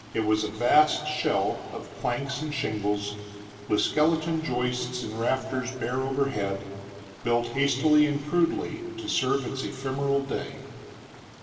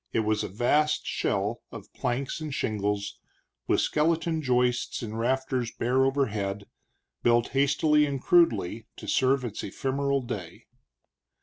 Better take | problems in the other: second | background sound (Stream); 20 dB below the speech // room echo; dies away in 2.7 s

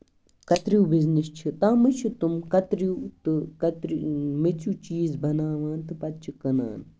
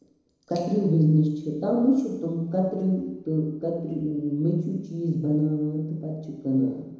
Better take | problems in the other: first | room echo; dies away in 1 s

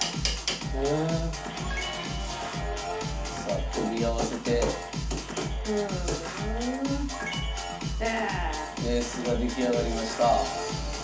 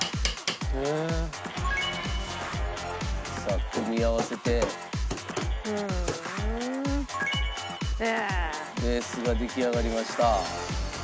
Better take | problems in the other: second | room echo; dies away in 0.4 s

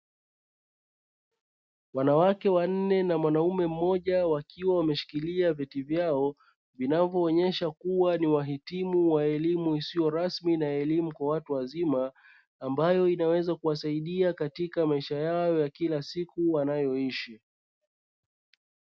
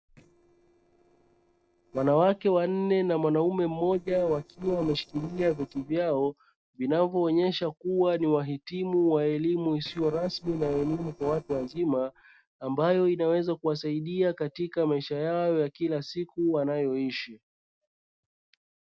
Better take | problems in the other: first | noise reduction (neural separator model SepFormer DNS4)

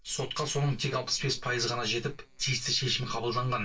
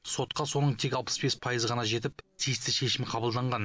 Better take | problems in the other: second | noise reduction (neural separator model SepFormer DNS4)

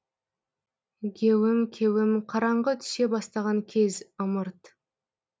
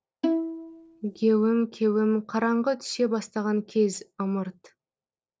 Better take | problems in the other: first | noise reduction (neural separator model SepFormer DNS4)

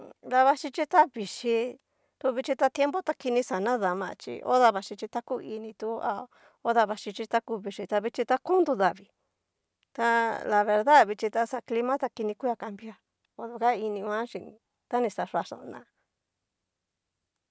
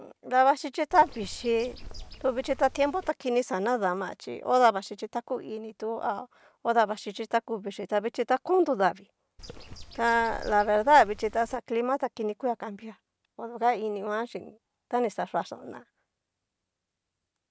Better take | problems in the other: first | background sound (Bird); 15 dB below the speech

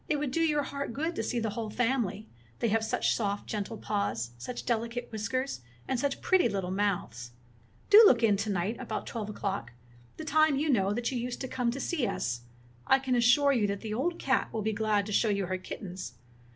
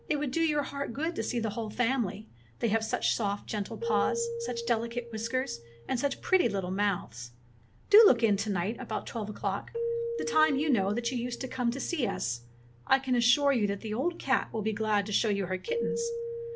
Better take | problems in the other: first | background sound (Keyboard (musical)); 10 dB below the speech

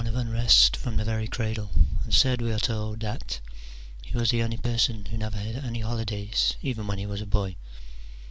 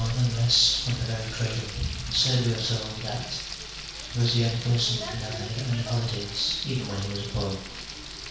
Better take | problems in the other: first | background sound (Frying (food)); 10 dB below the speech // room echo; dies away in 0.7 s

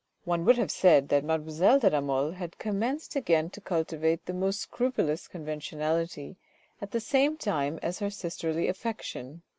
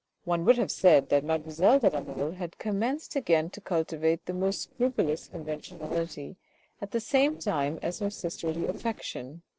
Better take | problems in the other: first | noise reduction (neural separator model SepFormer DNS4)

